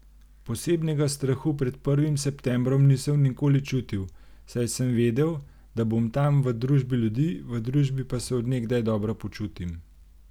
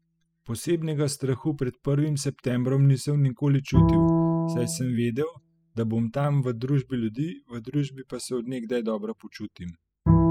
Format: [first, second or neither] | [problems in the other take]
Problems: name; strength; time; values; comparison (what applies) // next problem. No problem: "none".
first | noise reduction (classical method spectral subtraction)